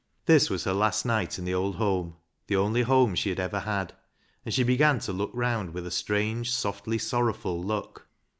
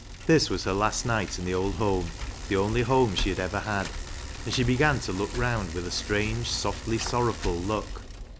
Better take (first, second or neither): first